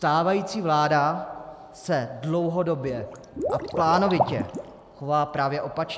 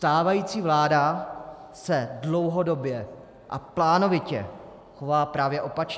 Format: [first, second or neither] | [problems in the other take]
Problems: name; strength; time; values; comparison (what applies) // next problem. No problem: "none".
second | background sound (Liquid); 7 dB below the speech